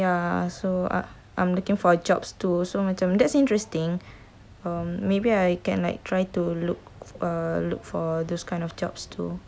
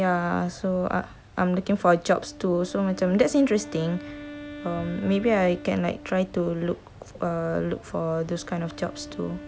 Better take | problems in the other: first | background sound (Wind instrument, woodwind instrument); 17 dB below the speech

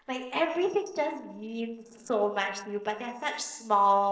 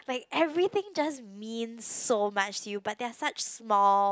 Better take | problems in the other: second | noise reduction (neural separator model SepFormer DNS4)

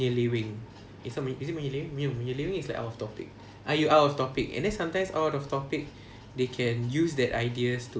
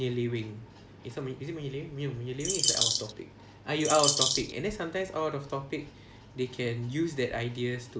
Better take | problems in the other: first | background sound (Bird vocalization, bird call, bird song); 5 dB above the speech

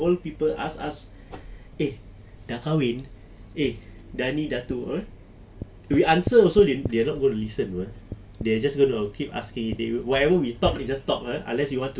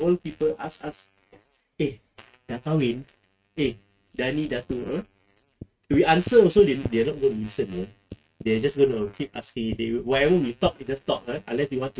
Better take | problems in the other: first | noise reduction (neural mask model RNNoise)

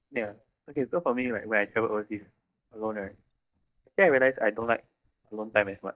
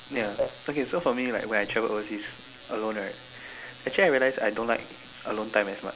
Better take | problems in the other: second | noise reduction (neural mask model DeepFilterNet 3)

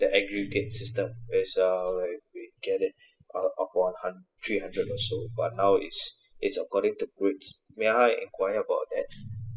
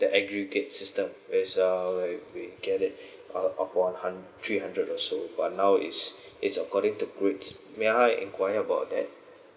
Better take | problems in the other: second | noise reduction (classical method spectral subtraction)

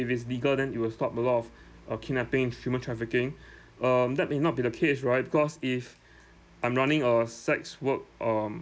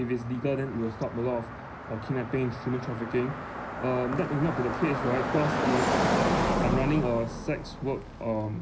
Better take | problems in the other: first | background sound (Car passing by); 1 dB below the speech // room echo; dies away in 0.5 s

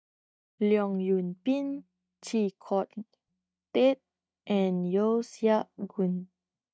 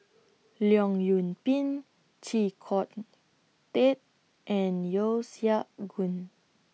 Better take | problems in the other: second | noise reduction (neural mask model DeepFilterNet 3)

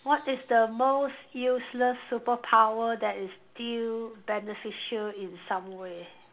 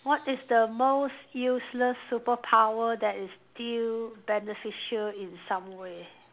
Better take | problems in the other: second | room echo; dies away in 0.2 s

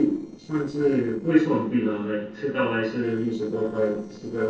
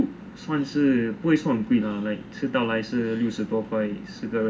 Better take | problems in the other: second | noise reduction (neural separator model SepFormer DNS4)

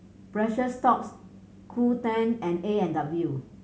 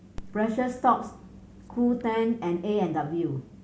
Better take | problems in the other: first | background sound (Dog); 18 dB below the speech

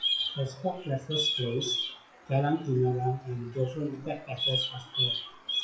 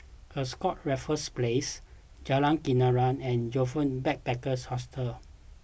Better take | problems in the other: second | noise reduction (classical method WPE with log-MMSE)

